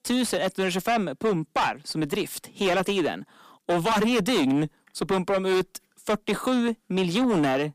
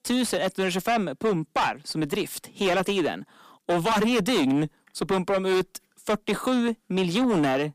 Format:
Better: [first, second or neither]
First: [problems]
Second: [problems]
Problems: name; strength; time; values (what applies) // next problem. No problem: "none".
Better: neither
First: distortion; heavy; 6 dB below the speech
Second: distortion; heavy; 6 dB below the speech